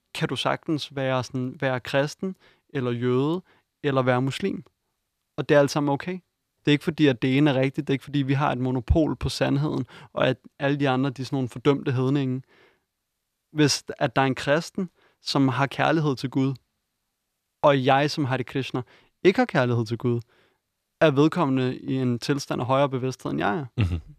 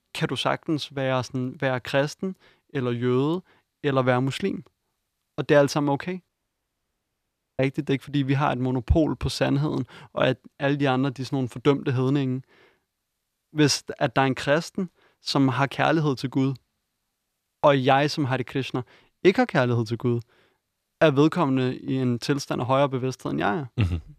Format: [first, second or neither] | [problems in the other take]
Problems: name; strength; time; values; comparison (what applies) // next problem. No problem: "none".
first | audio cutting out; at 6.5 s for 1.5 s